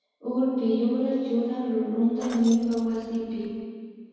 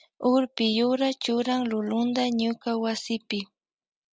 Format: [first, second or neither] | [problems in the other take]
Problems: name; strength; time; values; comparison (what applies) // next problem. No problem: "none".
second | background sound (Keys jangling); 19 dB below the speech // room echo; dies away in 2.2 s